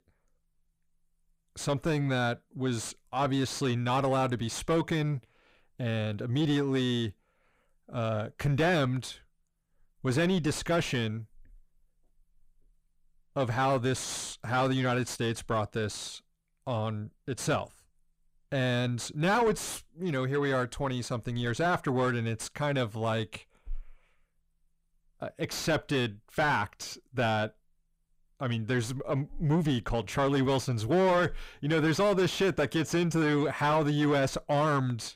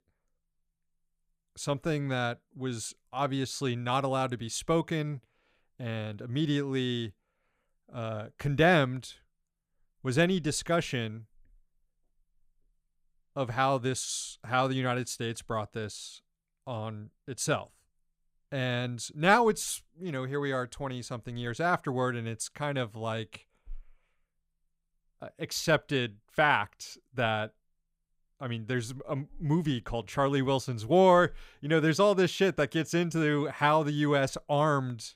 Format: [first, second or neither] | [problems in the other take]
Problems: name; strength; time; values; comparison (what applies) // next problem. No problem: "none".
second | distortion; heavy; 6 dB below the speech